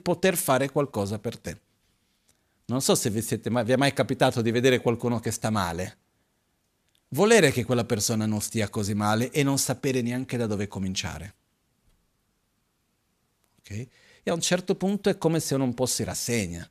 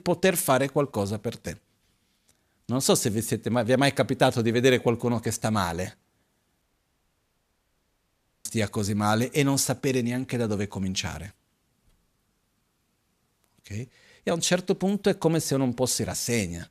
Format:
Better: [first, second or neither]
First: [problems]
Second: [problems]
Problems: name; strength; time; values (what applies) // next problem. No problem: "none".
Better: first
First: none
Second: audio cutting out; at 6.5 s for 2 s